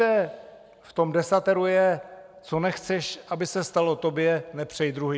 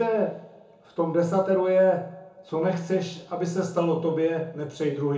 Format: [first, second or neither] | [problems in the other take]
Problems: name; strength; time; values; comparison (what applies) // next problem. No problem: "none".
first | room echo; dies away in 0.7 s